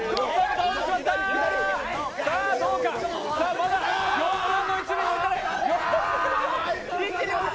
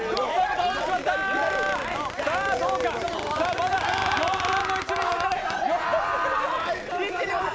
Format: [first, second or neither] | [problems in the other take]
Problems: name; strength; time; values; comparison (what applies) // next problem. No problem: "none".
first | background sound (Squeak); 13 dB below the speech